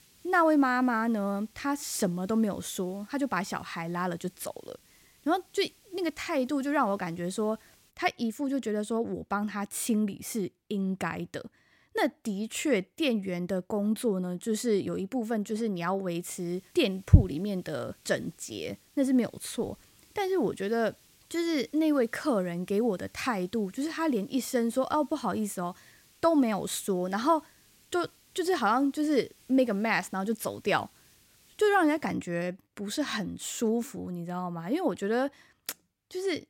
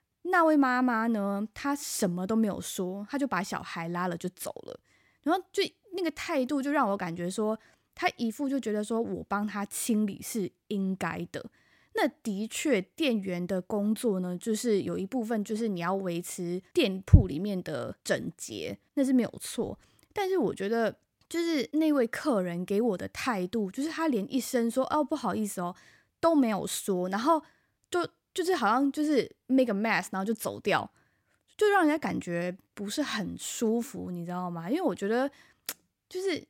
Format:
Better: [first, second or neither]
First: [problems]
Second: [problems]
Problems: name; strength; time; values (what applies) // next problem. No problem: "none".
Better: second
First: hiss; faint; until 8 s and from 16 to 32 s; 30 dB below the speech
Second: none